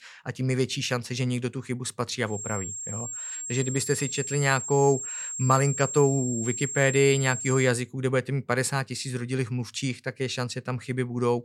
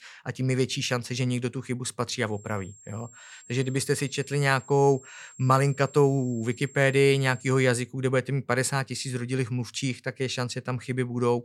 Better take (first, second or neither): second